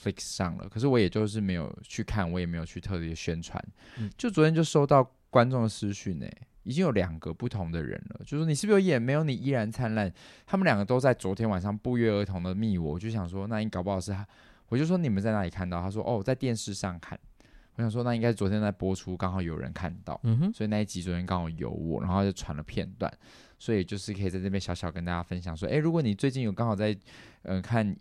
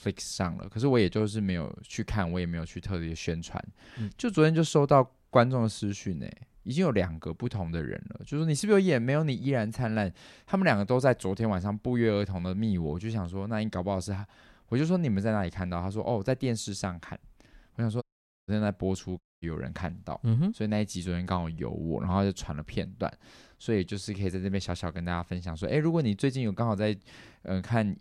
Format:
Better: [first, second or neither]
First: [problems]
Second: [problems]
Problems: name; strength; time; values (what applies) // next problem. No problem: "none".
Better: first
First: none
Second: audio cutting out; at 18 s and at 19 s